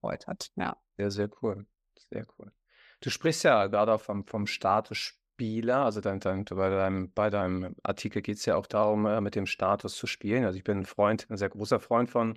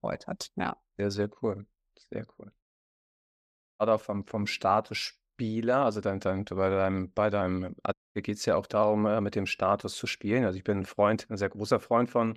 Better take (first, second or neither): first